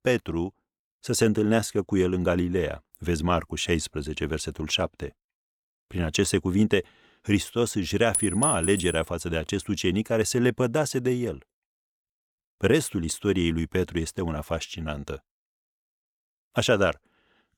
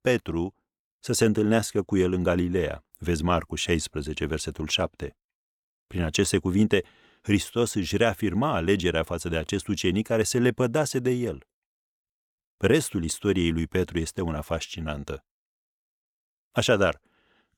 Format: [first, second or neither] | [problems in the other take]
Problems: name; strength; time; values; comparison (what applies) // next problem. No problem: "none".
second | clattering dishes; loud; at 8 s; peak 2 dB above the speech